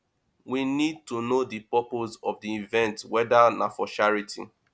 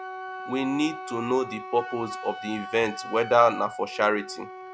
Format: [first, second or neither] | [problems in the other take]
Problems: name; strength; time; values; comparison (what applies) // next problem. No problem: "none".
first | background sound (Wind instrument, woodwind instrument); 11 dB below the speech